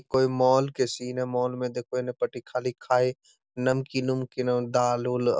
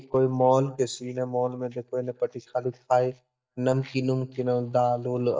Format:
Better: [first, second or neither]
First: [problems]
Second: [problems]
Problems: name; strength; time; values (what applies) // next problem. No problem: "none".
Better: first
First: none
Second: noise reduction (neural mask model DeepFilterNet 3)